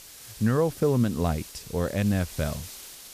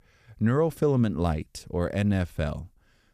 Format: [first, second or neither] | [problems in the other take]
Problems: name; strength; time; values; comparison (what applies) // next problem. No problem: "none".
second | hiss; noticeable; throughout; 15 dB below the speech